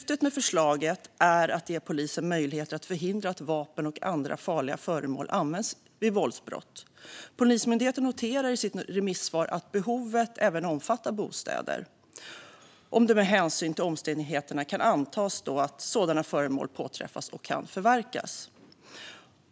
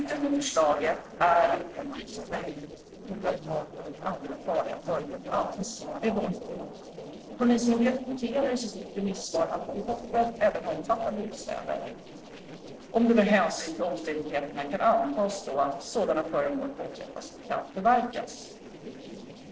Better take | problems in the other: first | noise reduction (neural separator model SepFormer DNS4)

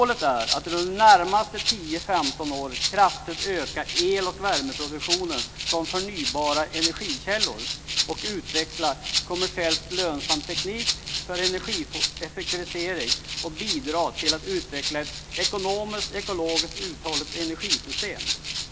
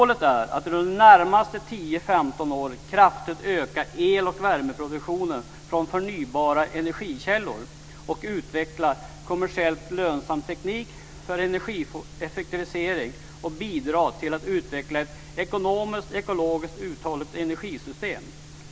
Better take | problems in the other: second | background sound (Rattle (instrument)); 3 dB below the speech

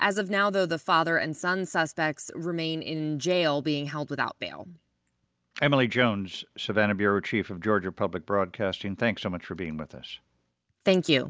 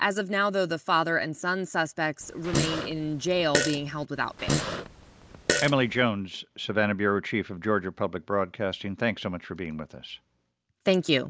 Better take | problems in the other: first | background sound (Fart); 3 dB below the speech

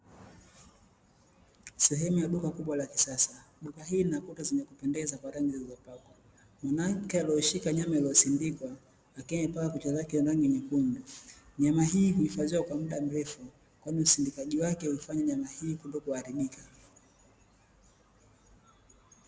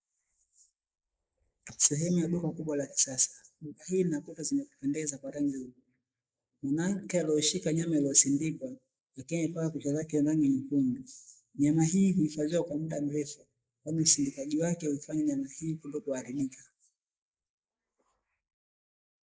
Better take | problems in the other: first | noise reduction (neural mask model Resemble Enhance denoiser)

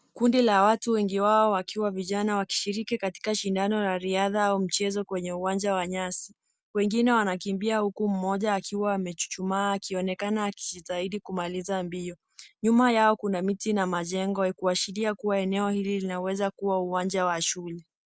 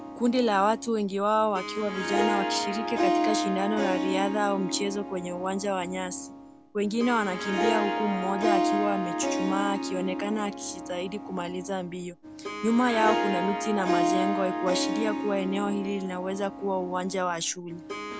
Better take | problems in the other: first | background sound (Harp); 2 dB below the speech

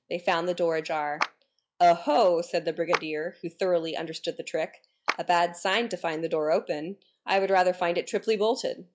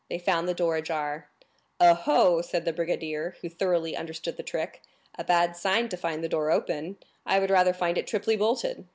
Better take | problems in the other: second | noise reduction (classical method log-MMSE)

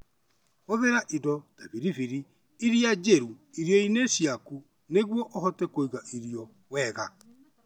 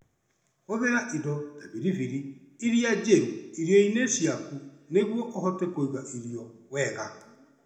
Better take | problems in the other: first | room echo; dies away in 0.8 s

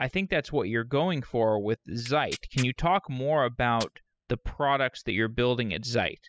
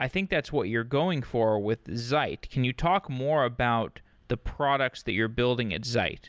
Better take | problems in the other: second | noise reduction (classical method spectral subtraction)

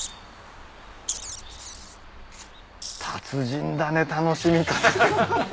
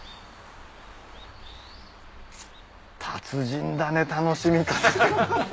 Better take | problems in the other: second | background sound (Wild animals); 15 dB below the speech

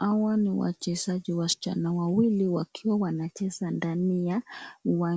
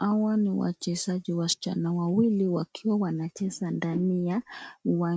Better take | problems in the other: first | noise reduction (neural mask model RNNoise)

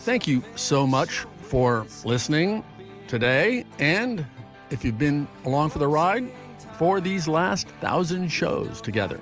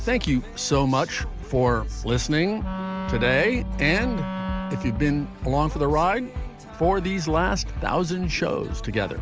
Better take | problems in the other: first | background sound (Wind instrument, woodwind instrument + Bass drum); 7 dB below the speech

